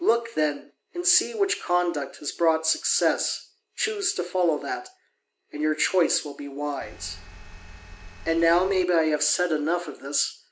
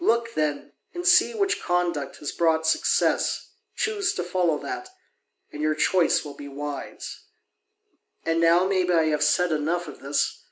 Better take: second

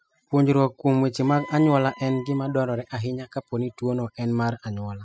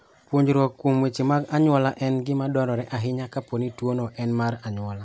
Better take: second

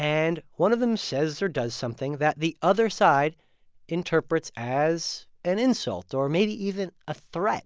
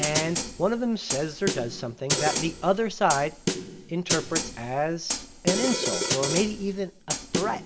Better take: first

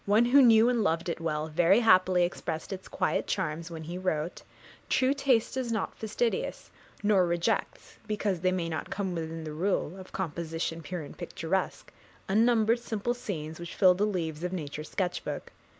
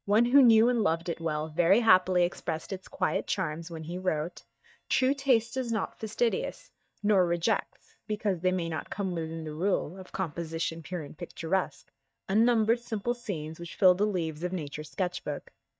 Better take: first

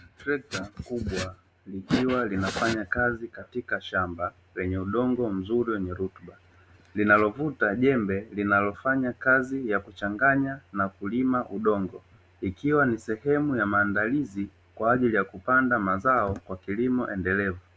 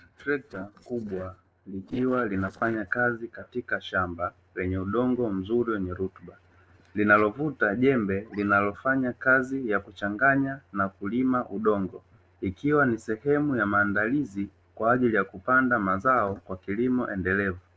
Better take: first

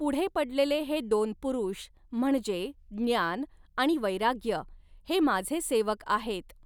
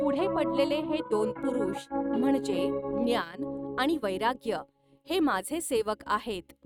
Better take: first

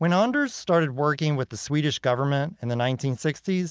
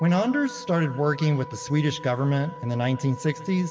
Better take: first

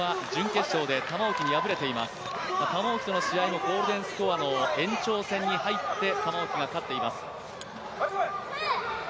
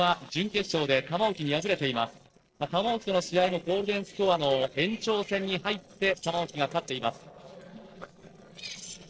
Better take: first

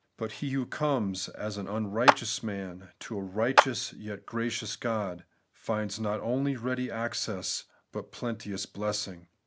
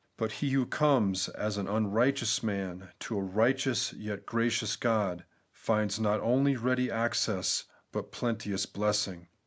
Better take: second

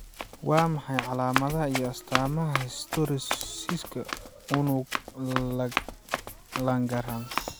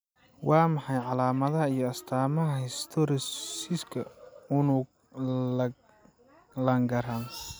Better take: second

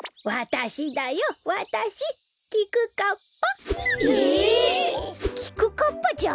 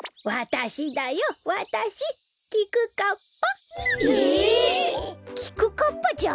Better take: second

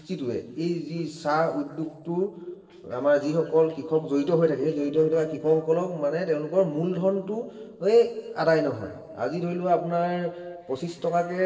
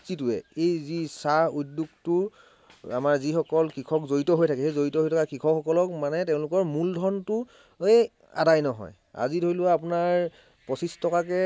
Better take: second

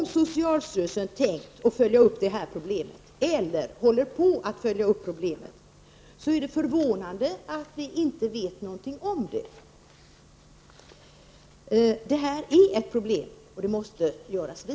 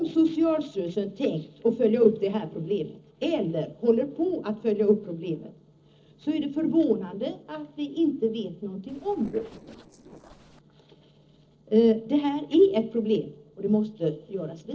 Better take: first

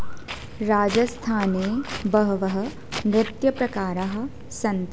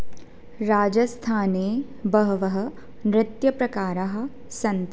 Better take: second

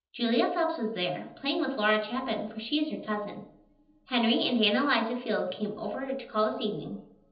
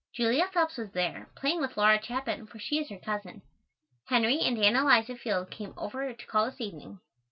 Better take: second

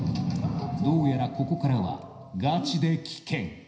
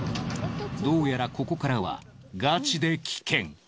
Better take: second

